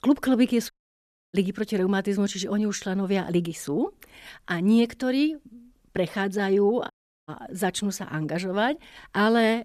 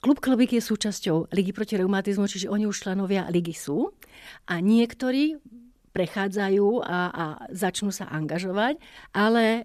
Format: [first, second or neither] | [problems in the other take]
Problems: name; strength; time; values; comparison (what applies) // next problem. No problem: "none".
second | audio cutting out; at 0.5 s for 0.5 s and at 7 s